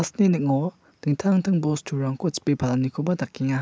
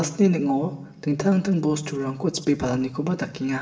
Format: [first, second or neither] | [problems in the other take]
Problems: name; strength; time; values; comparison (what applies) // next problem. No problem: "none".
first | room echo; dies away in 0.8 s